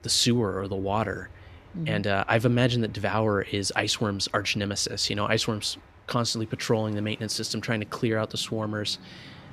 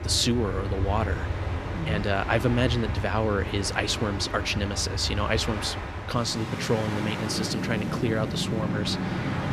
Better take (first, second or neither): first